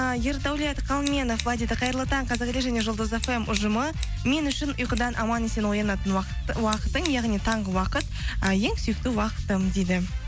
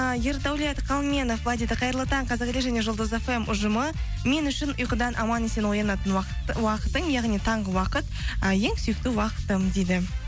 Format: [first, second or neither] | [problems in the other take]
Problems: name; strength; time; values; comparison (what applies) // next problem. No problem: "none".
second | background sound (Scissors); 15 dB below the speech